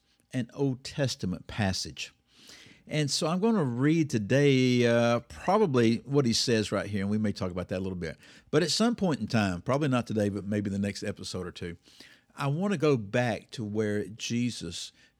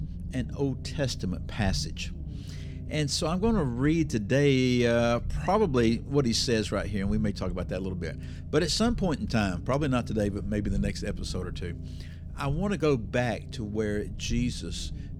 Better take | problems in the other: first | low rumble; noticeable; throughout; 20 dB below the speech

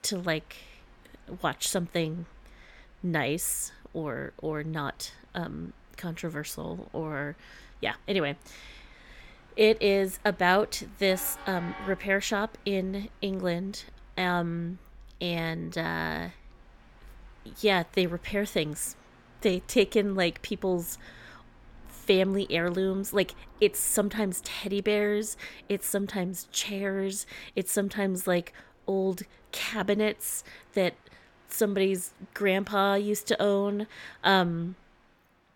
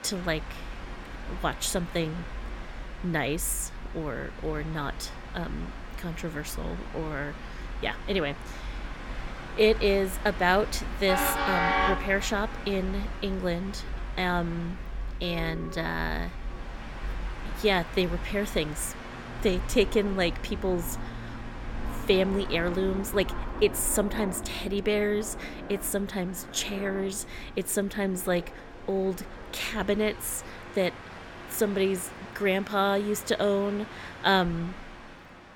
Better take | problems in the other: first | train or aircraft noise; loud; throughout; 8 dB below the speech; faint in the first

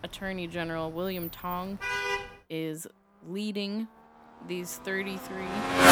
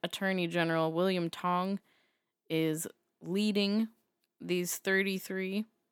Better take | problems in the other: second | traffic noise; very loud; throughout; 4 dB above the speech

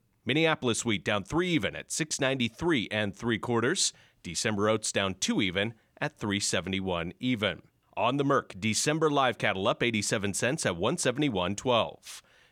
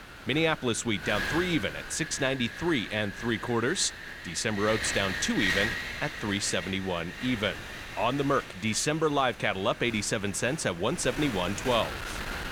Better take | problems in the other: first | wind noise on the microphone; heavy; 6 dB below the speech

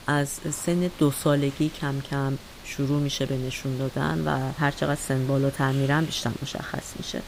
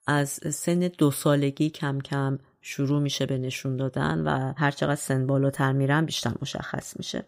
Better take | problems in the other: second | hiss; noticeable; throughout; 15 dB below the speech

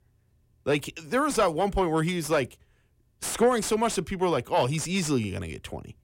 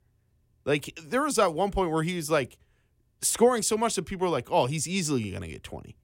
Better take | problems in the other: second | distortion; slight; 10 dB below the speech

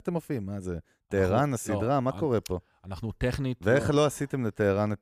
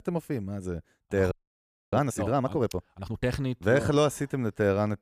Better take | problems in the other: first | audio freezing; at 1.5 s for 0.5 s

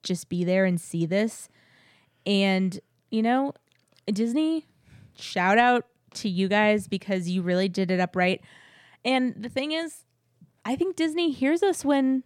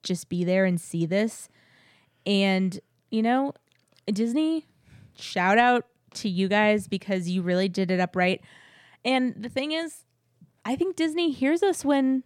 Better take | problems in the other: neither | none

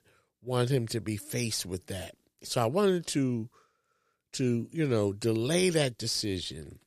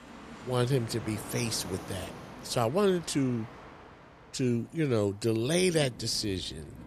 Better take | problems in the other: first | train or aircraft noise; noticeable; throughout; 15 dB below the speech

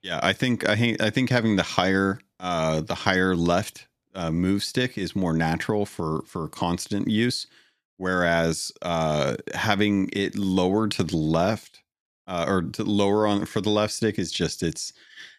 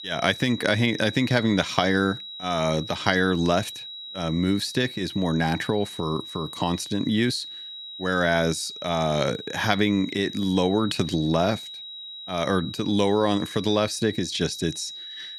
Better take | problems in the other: first | high-pitched whine; noticeable; throughout; 4 kHz, 10 dB below the speech

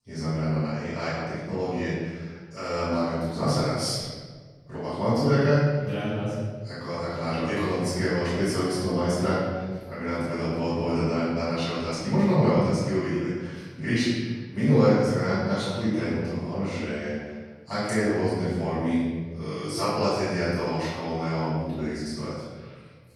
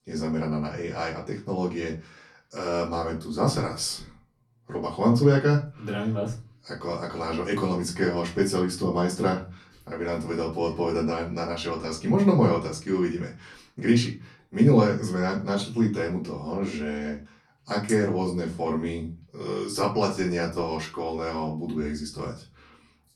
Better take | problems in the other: second | room echo; strong; dies away in 1.4 s; slight in the second // off-mic speech; far; far in the second

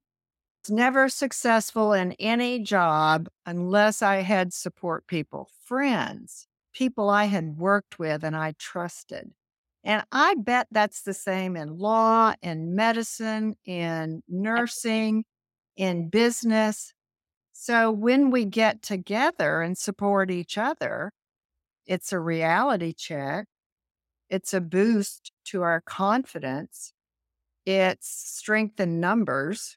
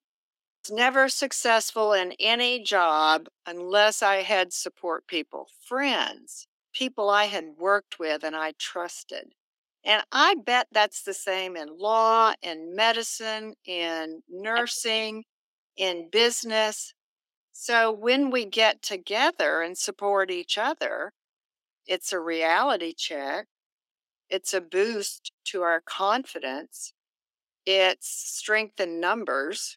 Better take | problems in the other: first | thin; somewhat; fading below 300 Hz

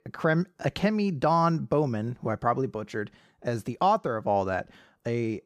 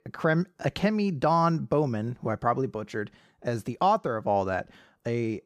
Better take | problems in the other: neither | none

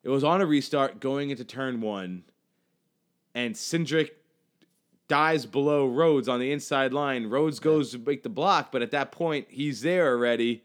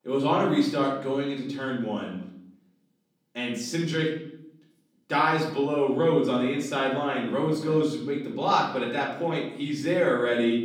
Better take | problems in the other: first | room echo; noticeable; dies away in 0.7 s // off-mic speech; far

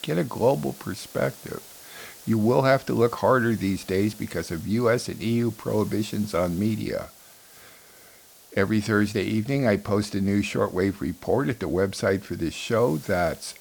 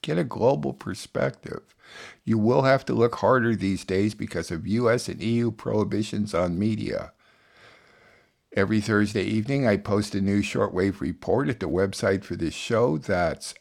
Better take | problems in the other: second | hiss; faint; throughout; 20 dB below the speech

